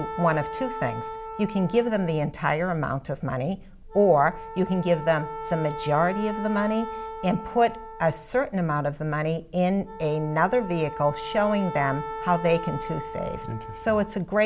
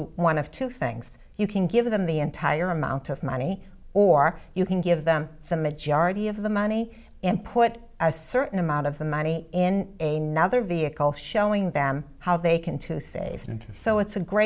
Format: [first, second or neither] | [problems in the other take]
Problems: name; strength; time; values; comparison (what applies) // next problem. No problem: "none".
second | background sound (Wind instrument, woodwind instrument); 11 dB below the speech